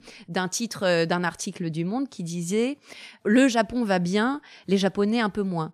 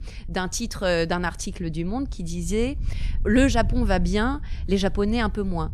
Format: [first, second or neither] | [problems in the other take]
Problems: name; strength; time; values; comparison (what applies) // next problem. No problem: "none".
first | wind noise on the microphone; occasional gusts; 25 dB below the speech